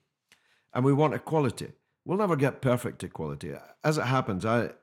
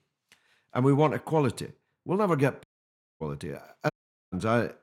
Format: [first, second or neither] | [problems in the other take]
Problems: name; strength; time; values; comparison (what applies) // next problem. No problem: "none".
first | audio cutting out; at 2.5 s for 0.5 s and at 4 s